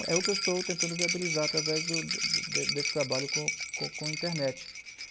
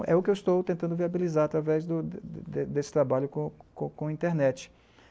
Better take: second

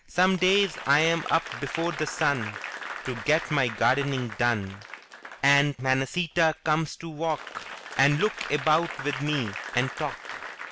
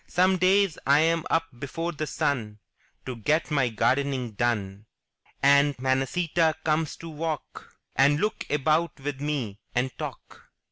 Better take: second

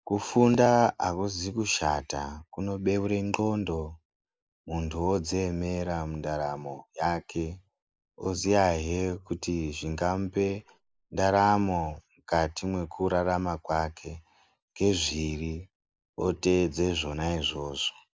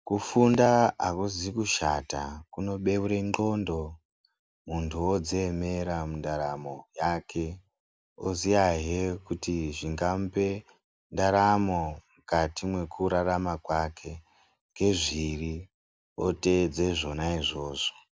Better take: second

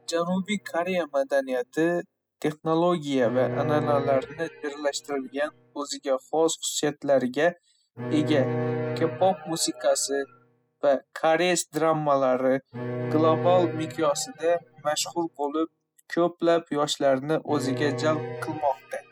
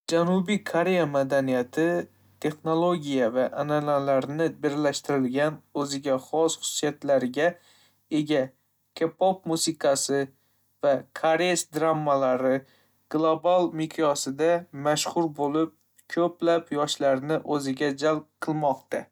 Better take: second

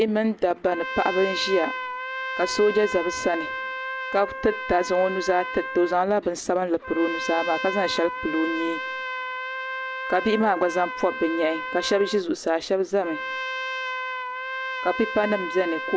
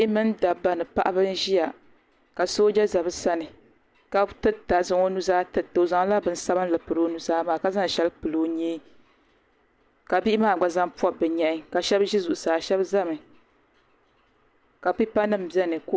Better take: second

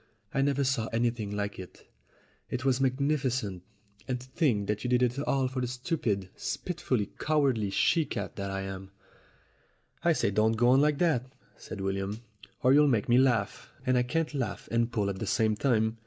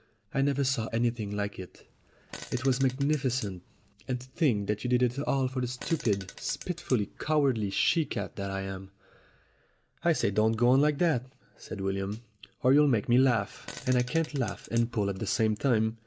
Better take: first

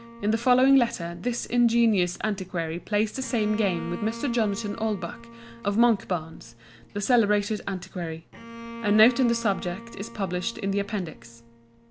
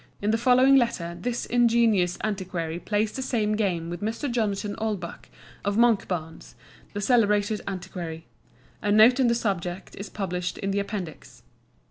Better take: second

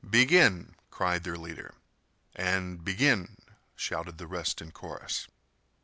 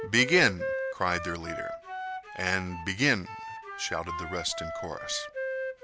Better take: first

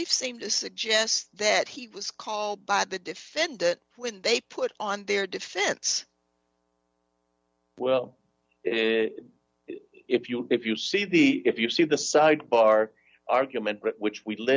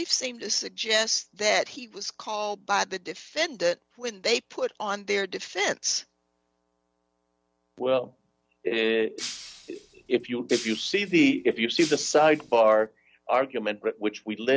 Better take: first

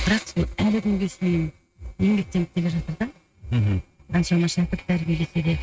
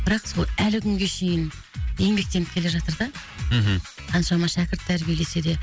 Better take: second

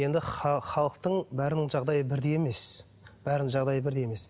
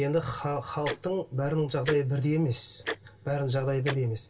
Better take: first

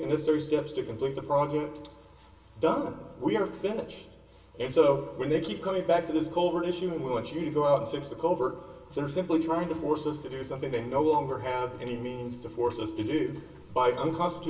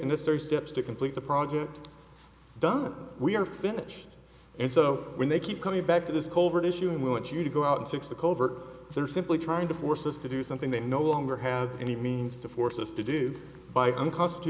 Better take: second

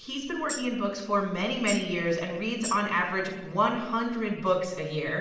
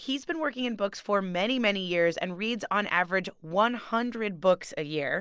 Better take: second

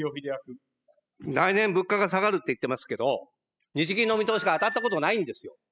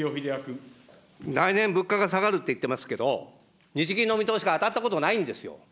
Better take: second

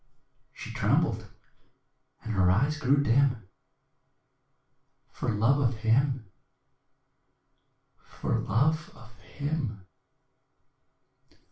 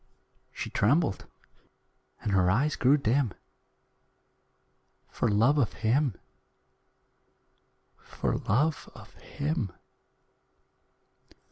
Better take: second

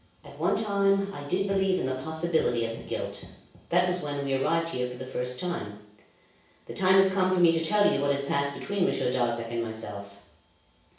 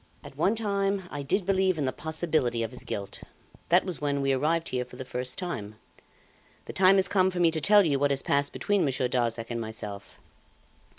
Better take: second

